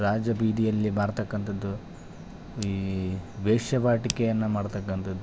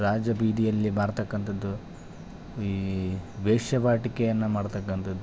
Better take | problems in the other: second | background sound (Hands); 19 dB below the speech

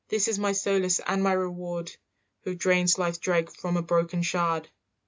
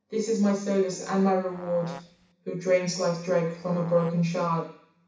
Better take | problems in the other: first | background sound (Fart); 20 dB below the speech // room echo; dies away in 0.6 s

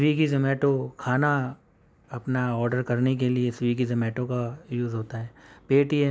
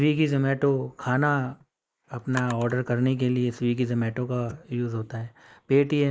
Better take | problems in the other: first | noise reduction (neural mask model Resemble Enhance denoiser)

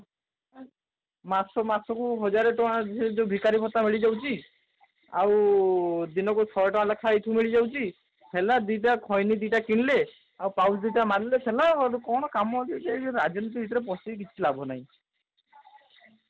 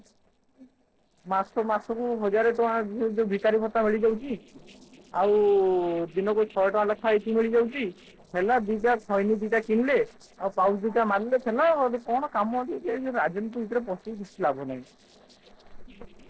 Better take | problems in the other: first | noise reduction (neural separator model SepFormer DNS4)

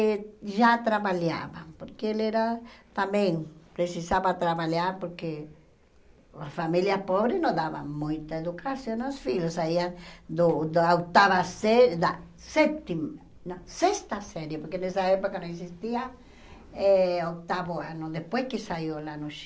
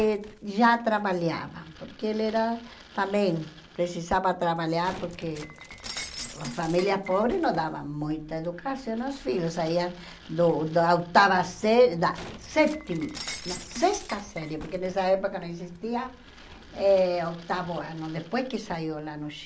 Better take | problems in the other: first | background sound (Shatter); 18 dB below the speech

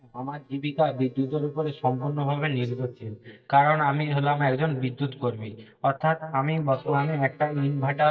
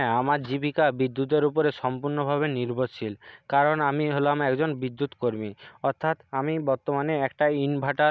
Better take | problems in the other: second | noise reduction (neural mask model DeepFilterNet 3)

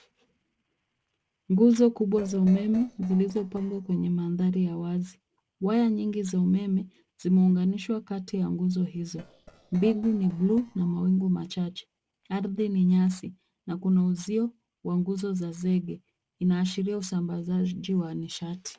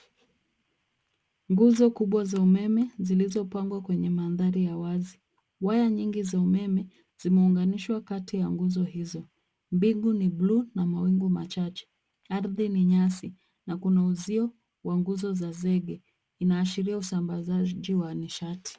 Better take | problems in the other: second | noise reduction (neural separator model SepFormer DNS4)

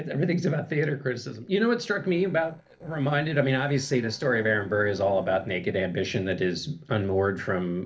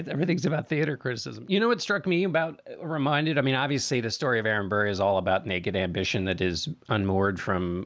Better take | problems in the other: second | noise reduction (neural separator model SepFormer DNS4)

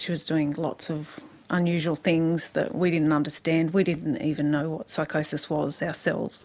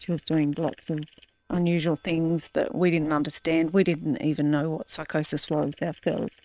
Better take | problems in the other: first | noise reduction (neural separator model SepFormer WHAM!)

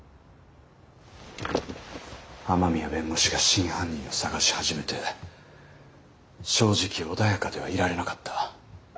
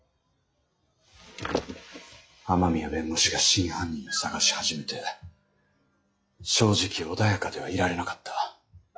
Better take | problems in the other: first | noise reduction (classical method log-MMSE)

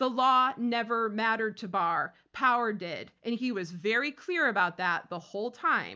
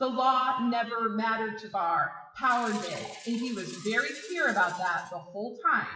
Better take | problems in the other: first | noise reduction (classical method WPE with log-MMSE)

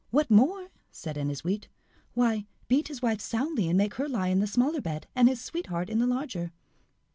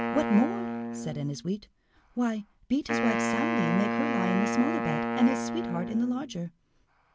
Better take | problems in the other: first | background sound (Wind instrument, woodwind instrument); 1 dB below the speech

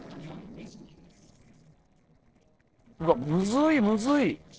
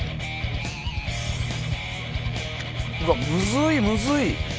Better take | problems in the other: second | noise reduction (neural separator model SepFormer DNS4)

